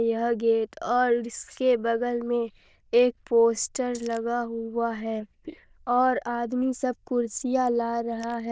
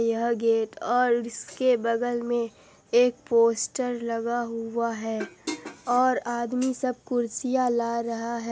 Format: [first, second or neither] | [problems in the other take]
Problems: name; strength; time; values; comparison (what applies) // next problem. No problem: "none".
second | noise reduction (neural diffusion model UNIVERSE++)